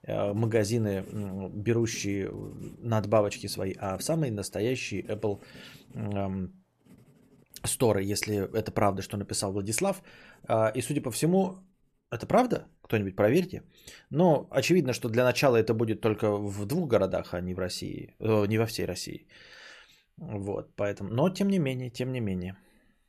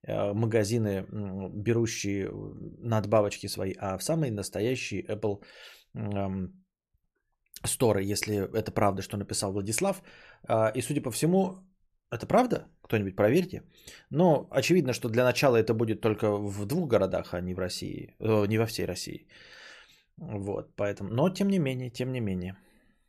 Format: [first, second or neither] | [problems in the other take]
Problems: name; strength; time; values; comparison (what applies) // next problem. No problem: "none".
second | household noises; faint; throughout; 25 dB below the speech